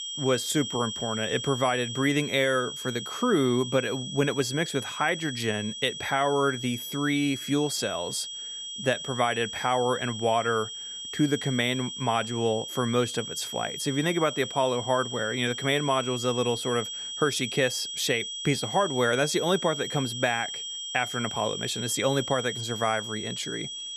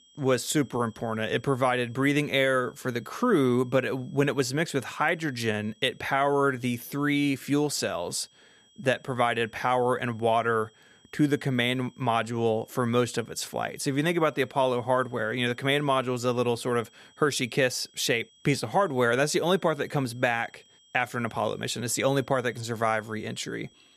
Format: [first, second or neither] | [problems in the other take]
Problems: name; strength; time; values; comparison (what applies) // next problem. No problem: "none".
second | high-pitched whine; loud; throughout; 3.5 kHz, 6 dB below the speech; faint in the second